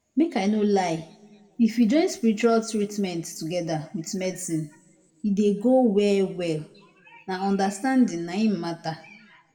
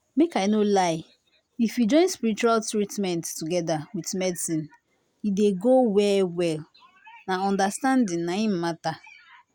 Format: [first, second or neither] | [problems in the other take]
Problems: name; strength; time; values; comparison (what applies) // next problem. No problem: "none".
second | room echo; dies away in 0.7 s